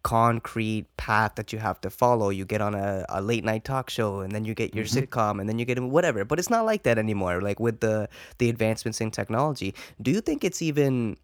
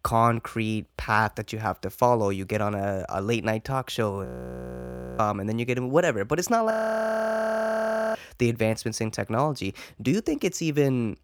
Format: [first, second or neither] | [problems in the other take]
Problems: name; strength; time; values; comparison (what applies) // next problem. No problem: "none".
first | audio freezing; at 4.5 s for 1 s and at 6.5 s for 1.5 s